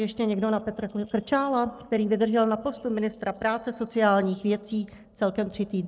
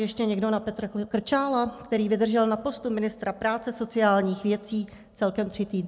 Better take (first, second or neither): second